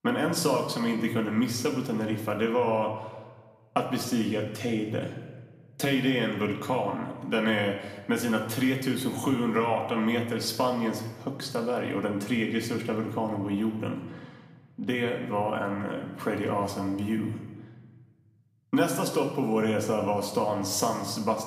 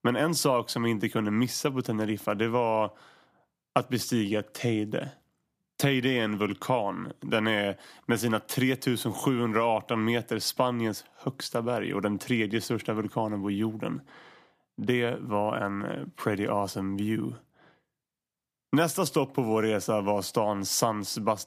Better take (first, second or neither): second